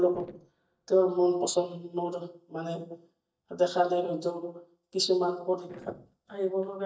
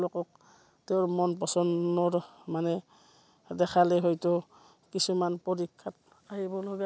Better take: second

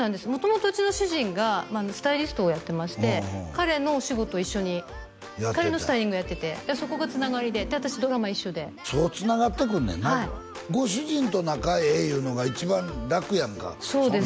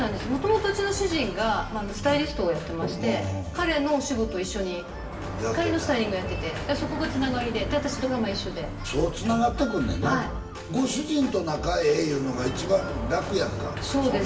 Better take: first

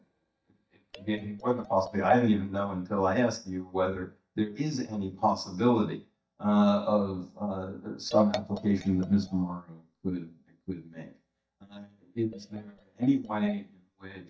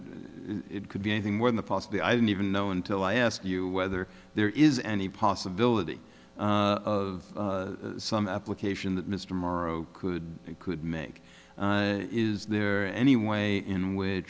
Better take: second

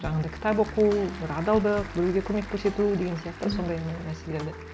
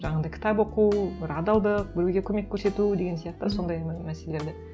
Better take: second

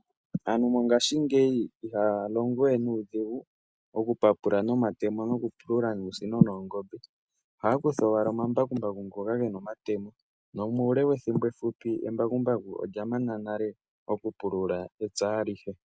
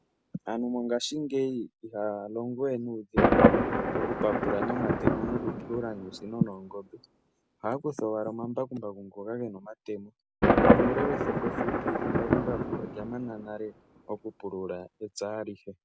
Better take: first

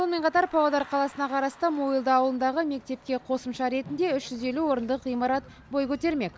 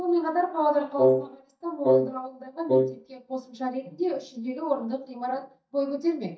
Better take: first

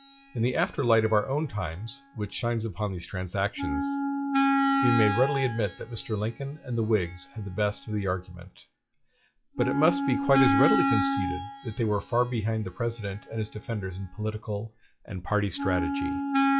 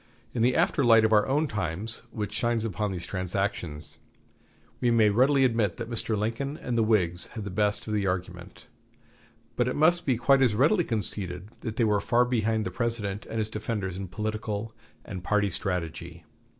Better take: second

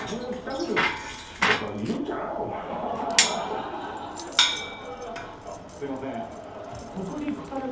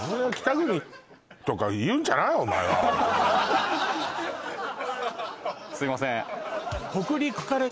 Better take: second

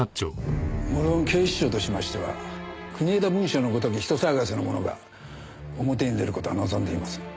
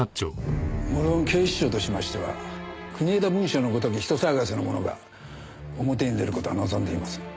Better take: first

